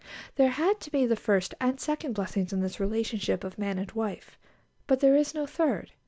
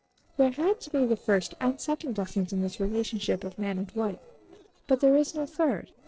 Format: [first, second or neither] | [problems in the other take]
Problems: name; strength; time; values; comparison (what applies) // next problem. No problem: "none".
first | noise reduction (neural separator model SepFormer DNS4)